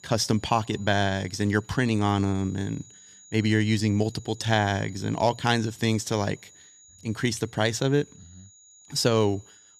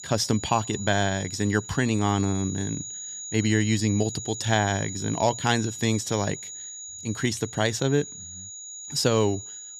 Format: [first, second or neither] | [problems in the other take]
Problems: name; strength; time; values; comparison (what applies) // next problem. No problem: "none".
first | high-pitched whine; loud; throughout; 7 kHz, 9 dB below the speech; faint in the first